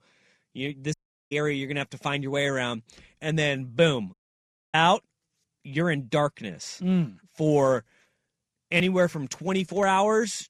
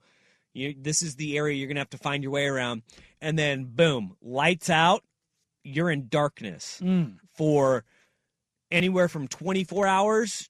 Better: second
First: audio cutting out; at 1 s and at 4 s for 0.5 s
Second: none

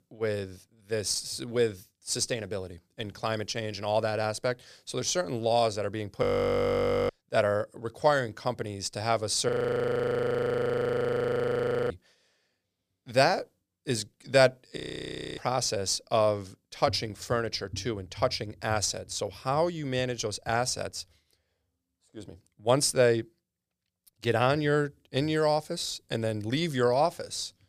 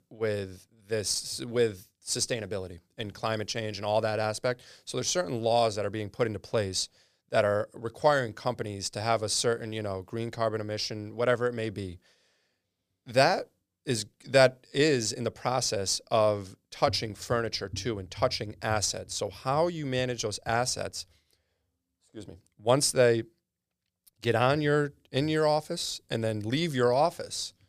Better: second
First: audio freezing; at 6 s for 1 s, at 9.5 s for 2.5 s and at 15 s for 0.5 s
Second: none

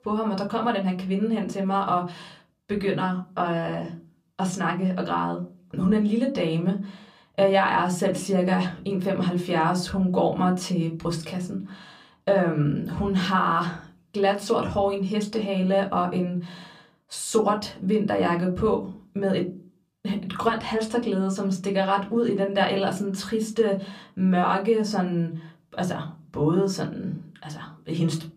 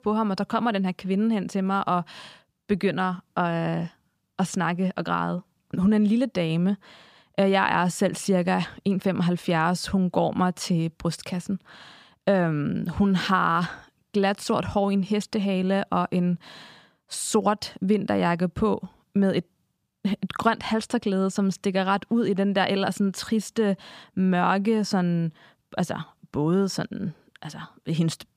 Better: second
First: off-mic speech; somewhat distant // room echo; very slight; dies away in 0.3 s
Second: none

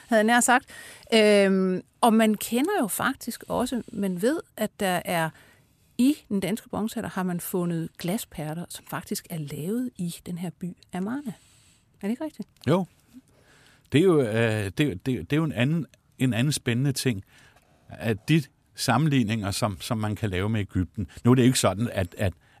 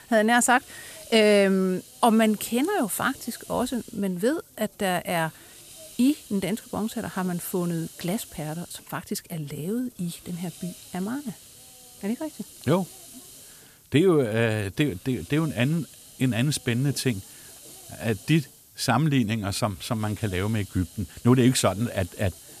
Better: first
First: none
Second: hiss; noticeable; throughout; 20 dB below the speech

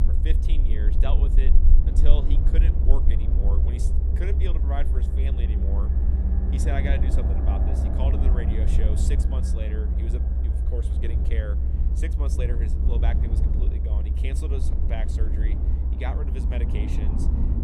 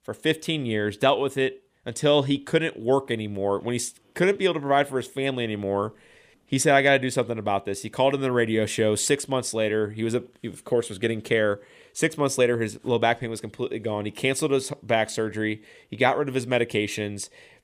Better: second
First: low rumble; loud; throughout; 2 dB below the speech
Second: none

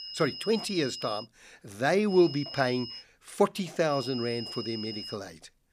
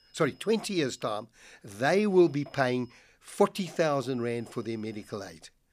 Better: second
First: high-pitched whine; loud; until 1 s, at 2 s and from 4 to 5 s; 5 kHz, 10 dB below the speech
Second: high-pitched whine; faint; until 1 s, at 2 s and from 4 to 5 s; 5 kHz, 35 dB below the speech

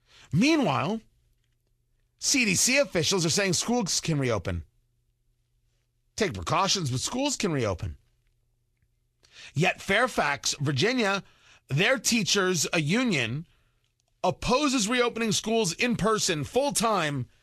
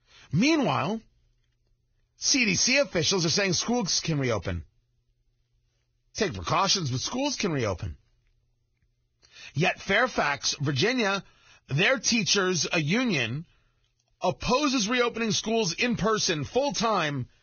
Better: first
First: garbled, watery; slightly; nothing above 12.5 kHz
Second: garbled, watery; badly; nothing above 6.5 kHz

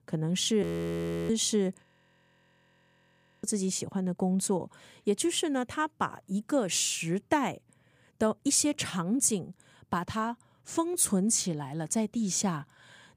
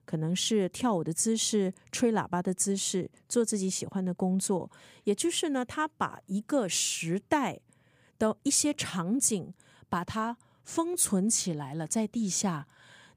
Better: second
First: audio freezing; at 0.5 s for 0.5 s and at 2 s for 1.5 s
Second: none

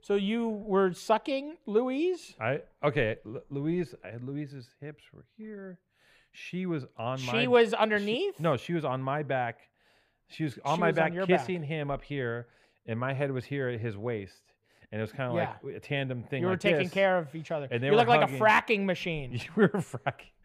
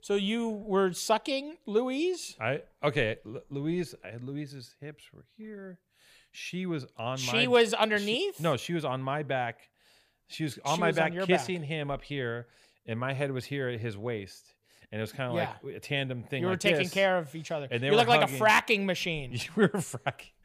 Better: second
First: muffled; slightly; fading above 3 kHz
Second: none

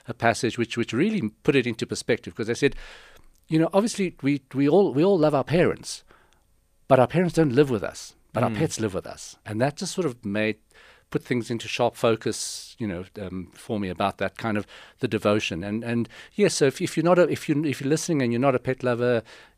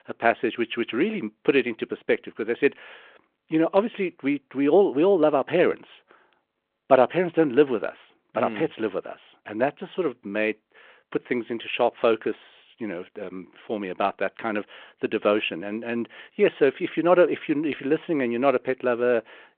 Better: first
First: none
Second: phone-call audio

